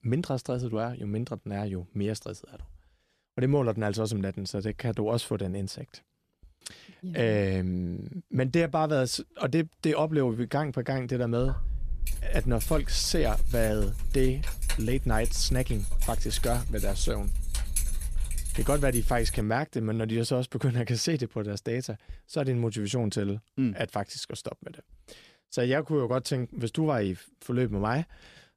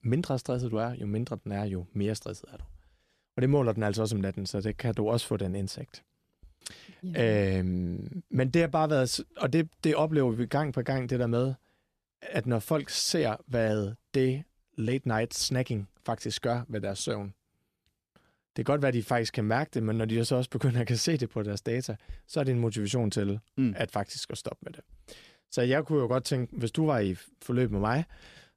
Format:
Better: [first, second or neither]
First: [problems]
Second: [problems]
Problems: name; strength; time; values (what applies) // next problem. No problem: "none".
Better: second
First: jangling keys; noticeable; from 11 to 19 s; peak 1 dB below the speech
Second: none